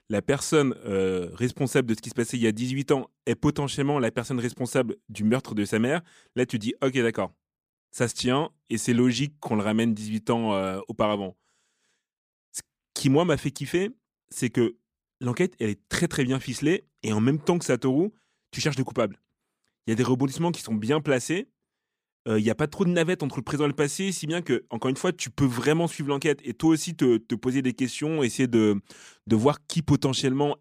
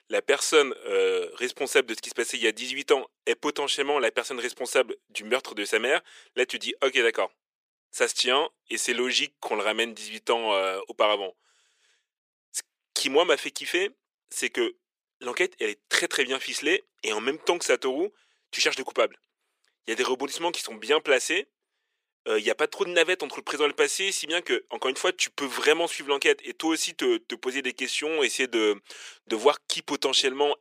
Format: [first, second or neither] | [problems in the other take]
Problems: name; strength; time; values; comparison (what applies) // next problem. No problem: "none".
first | thin; very; fading below 400 Hz